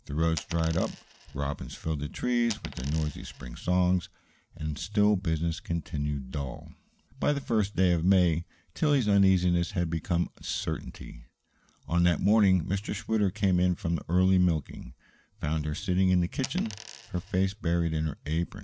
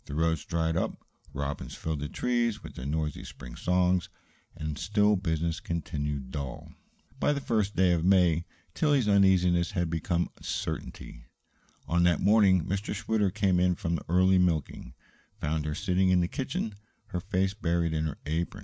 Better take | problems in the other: second | background sound (Coin (dropping)); 16 dB below the speech

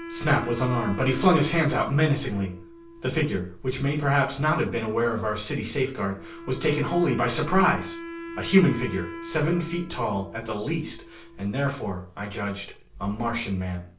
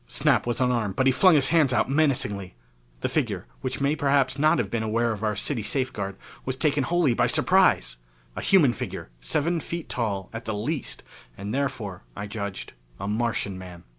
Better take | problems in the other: second | background sound (Wind instrument, woodwind instrument); 15 dB below the speech // room echo; dies away in 0.4 s

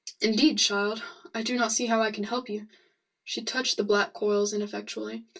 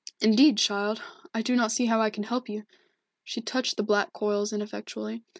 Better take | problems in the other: second | room echo; dies away in 0.1 s

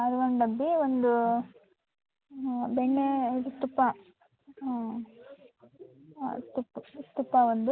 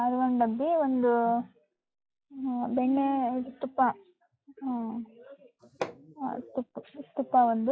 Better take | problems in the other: first | noise reduction (classical method log-MMSE)

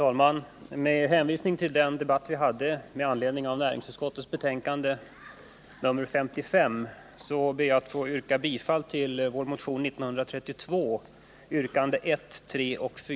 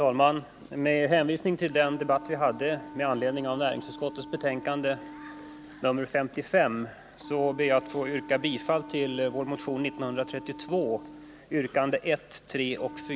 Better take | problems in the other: first | background sound (Wind instrument, woodwind instrument); 16 dB below the speech

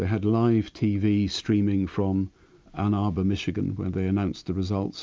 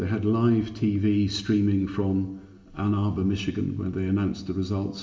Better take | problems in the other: first | room echo; dies away in 1.1 s

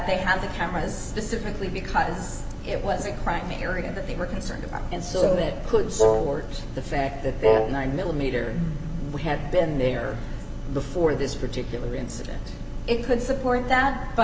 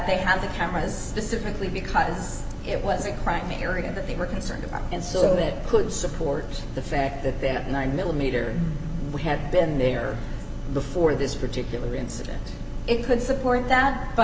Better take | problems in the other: second | background sound (Wind instrument, woodwind instrument); 4 dB above the speech

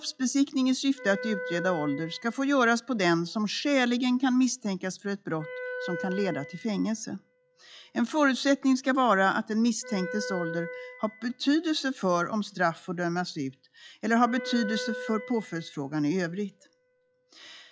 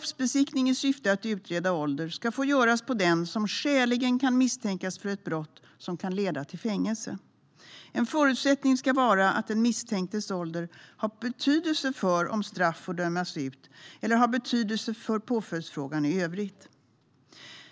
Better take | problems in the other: second | noise reduction (classical method log-MMSE)

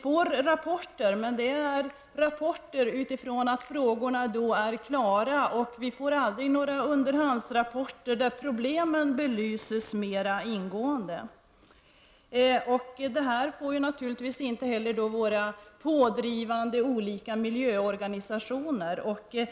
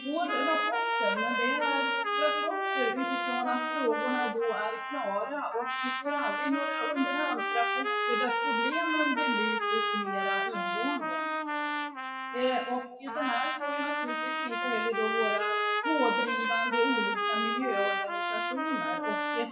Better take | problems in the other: first | noise reduction (classical method WPE with log-MMSE)

